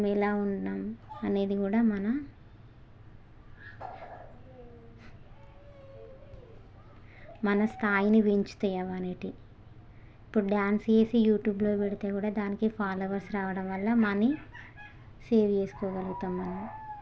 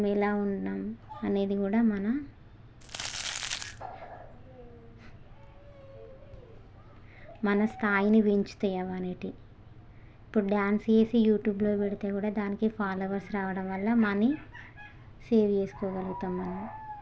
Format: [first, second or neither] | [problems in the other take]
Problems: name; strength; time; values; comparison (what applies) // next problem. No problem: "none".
first | background sound (Crumpling, crinkling); 7 dB below the speech